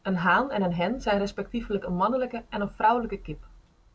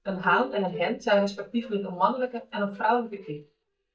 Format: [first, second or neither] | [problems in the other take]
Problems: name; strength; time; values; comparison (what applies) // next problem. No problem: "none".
first | noise reduction (neural mask model DeepFilterNet 3)